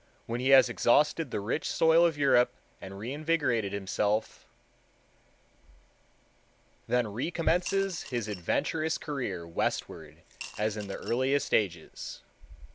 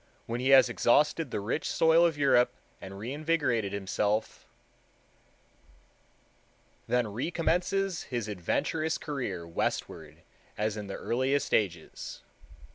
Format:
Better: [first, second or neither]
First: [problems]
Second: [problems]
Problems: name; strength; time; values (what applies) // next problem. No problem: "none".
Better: second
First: background sound (Coin (dropping) / Glass); 17 dB below the speech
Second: none